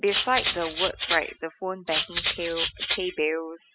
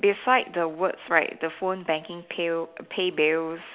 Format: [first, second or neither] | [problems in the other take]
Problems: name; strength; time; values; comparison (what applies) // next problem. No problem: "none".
second | noise reduction (classical method spectral subtraction)